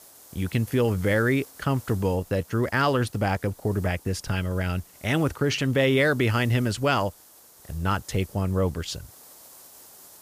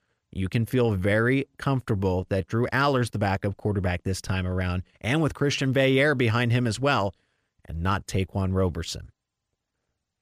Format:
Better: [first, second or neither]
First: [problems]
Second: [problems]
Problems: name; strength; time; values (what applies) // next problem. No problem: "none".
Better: second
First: hiss; faint; throughout; 20 dB below the speech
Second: none